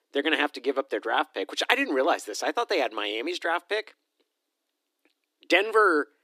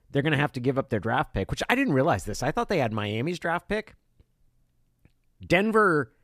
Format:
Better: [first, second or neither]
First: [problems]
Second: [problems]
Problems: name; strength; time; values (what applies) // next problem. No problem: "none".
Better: second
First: thin; somewhat; fading below 300 Hz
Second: none